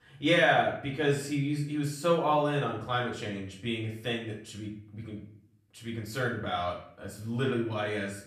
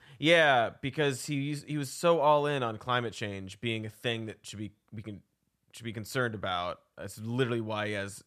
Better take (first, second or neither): second